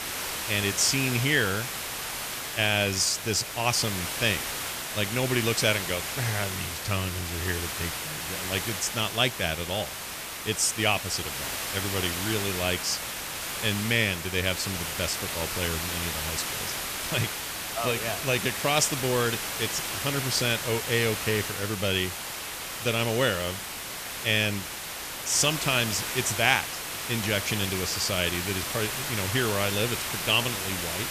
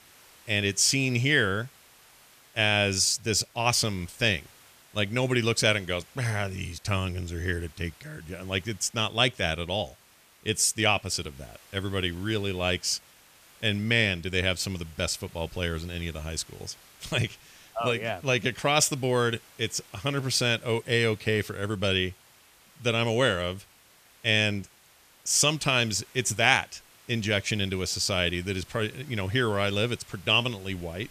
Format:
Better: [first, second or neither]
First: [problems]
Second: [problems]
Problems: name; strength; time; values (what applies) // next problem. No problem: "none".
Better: second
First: hiss; loud; throughout; 4 dB below the speech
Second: hiss; faint; throughout; 25 dB below the speech